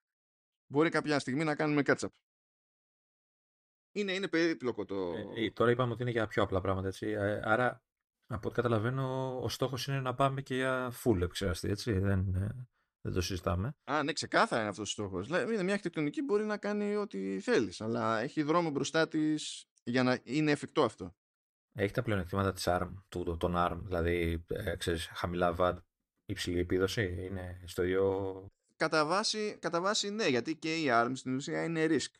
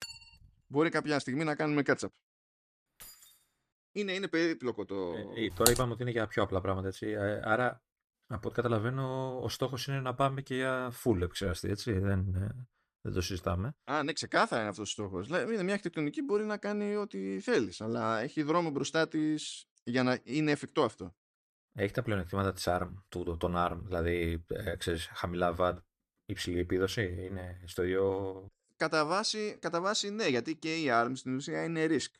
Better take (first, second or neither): first